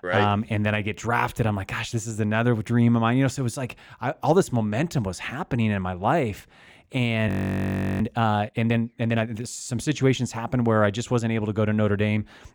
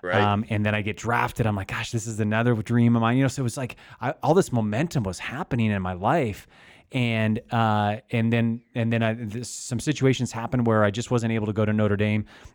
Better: second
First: audio freezing; at 7.5 s for 0.5 s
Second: none

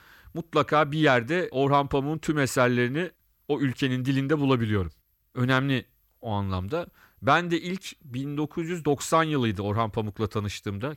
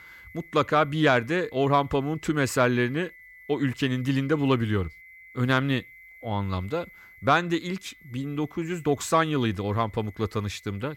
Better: first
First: none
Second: high-pitched whine; faint; throughout; 2 kHz, 25 dB below the speech

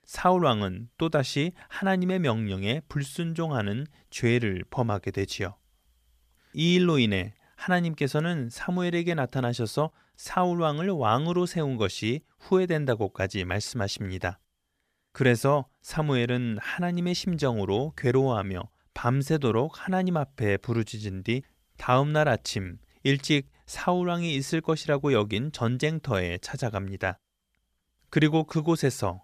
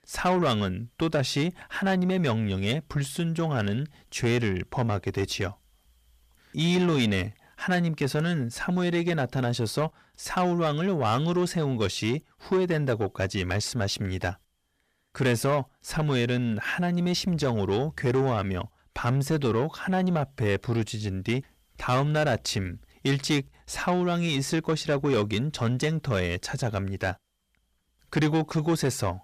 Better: first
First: none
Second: distortion; slight; 10 dB below the speech

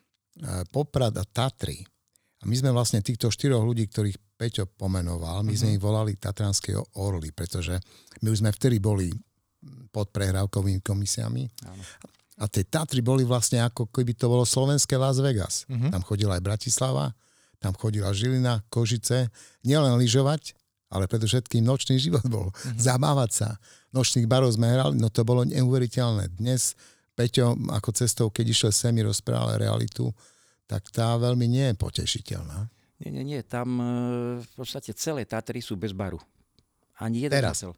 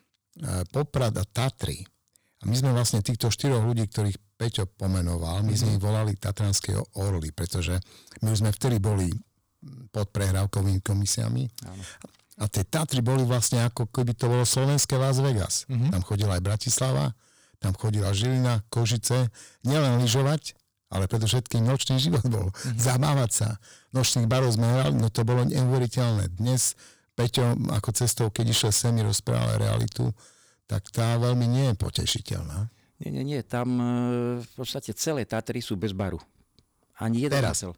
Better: first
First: none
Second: distortion; slight; 11% of the sound clipped

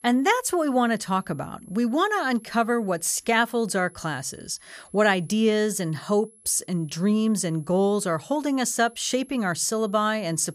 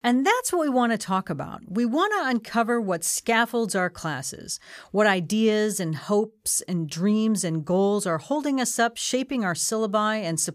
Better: second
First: high-pitched whine; faint; throughout; 11 kHz, 25 dB below the speech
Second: none

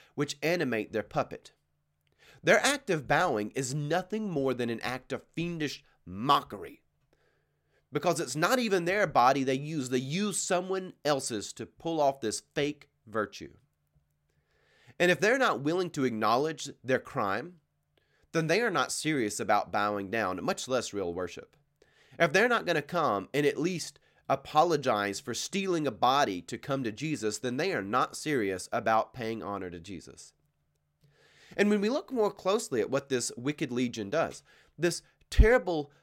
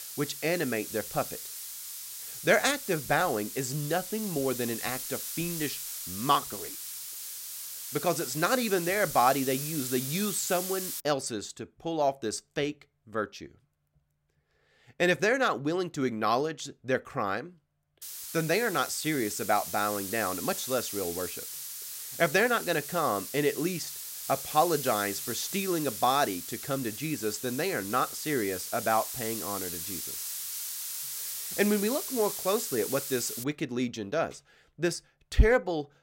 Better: first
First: none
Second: hiss; loud; until 11 s and from 18 to 33 s; 6 dB below the speech

